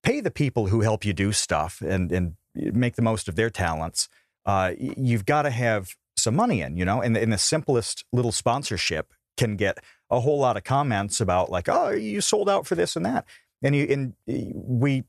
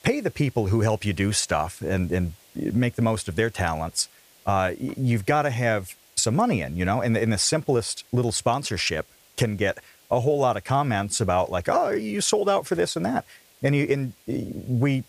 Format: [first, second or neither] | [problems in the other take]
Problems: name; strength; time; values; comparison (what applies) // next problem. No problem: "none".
first | hiss; faint; throughout; 30 dB below the speech